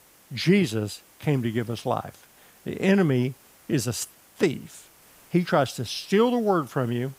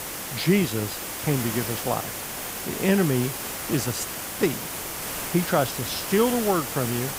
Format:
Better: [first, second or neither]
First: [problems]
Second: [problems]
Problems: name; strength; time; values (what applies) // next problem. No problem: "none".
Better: first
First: hiss; faint; throughout; 25 dB below the speech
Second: hiss; loud; throughout; 4 dB below the speech